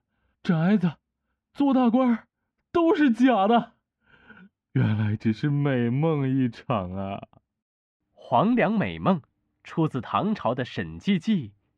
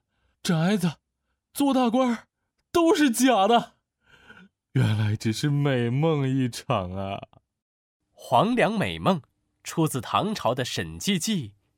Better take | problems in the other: second | muffled; very; fading above 2 kHz

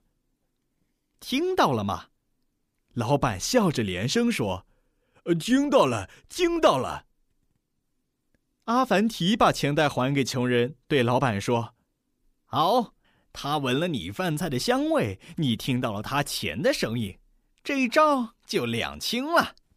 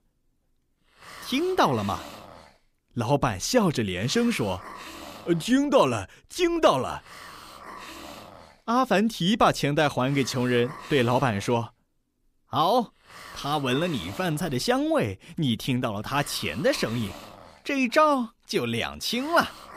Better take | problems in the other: first | hiss; noticeable; throughout; 20 dB below the speech

